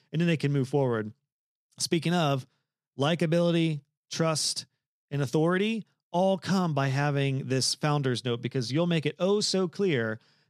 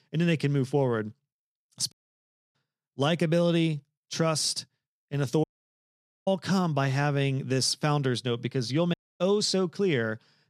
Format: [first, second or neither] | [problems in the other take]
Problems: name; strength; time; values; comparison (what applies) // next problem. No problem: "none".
first | audio cutting out; at 2 s for 0.5 s, at 5.5 s for 1 s and at 9 s